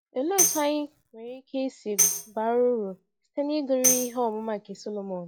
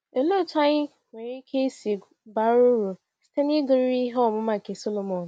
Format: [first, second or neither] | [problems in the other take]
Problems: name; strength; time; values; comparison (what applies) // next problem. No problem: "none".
second | noise reduction (classical method log-MMSE)